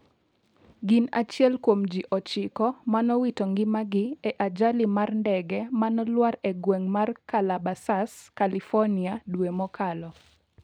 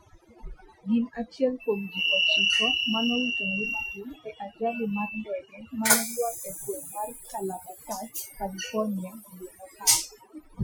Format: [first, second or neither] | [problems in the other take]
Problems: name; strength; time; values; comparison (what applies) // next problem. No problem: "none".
first | noise reduction (classical method Wiener filter)